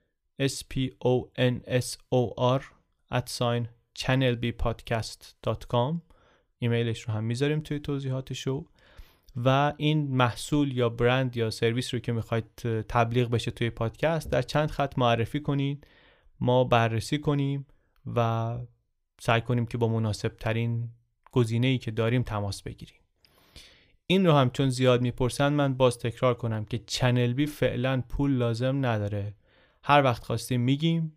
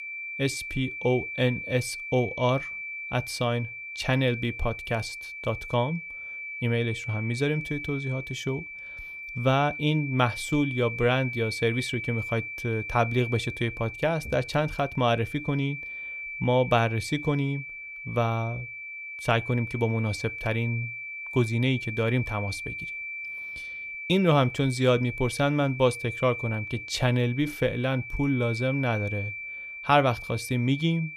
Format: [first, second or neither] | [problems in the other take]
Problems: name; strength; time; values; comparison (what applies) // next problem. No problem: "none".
first | high-pitched whine; loud; throughout; 2.5 kHz, 8 dB below the speech